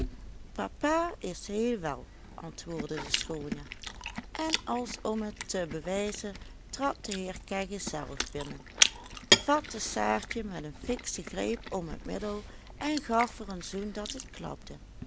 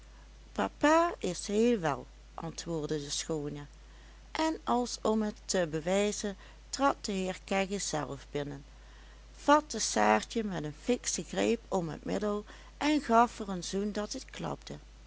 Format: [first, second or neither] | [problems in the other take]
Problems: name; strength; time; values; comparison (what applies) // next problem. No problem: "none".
second | background sound (Chewing, mastication); 2 dB below the speech